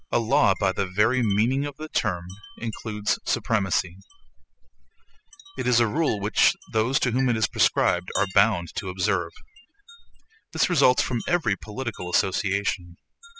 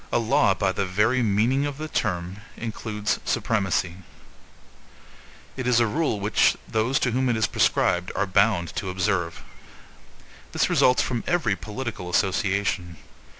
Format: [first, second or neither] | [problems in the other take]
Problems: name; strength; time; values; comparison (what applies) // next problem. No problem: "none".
second | noise reduction (classical method spectral subtraction)